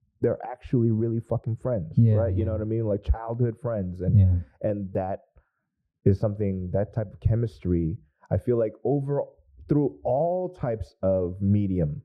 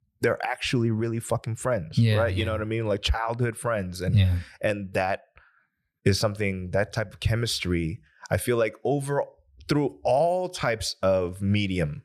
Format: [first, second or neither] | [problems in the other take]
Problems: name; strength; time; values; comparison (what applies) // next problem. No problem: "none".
second | muffled; very; fading above 1.5 kHz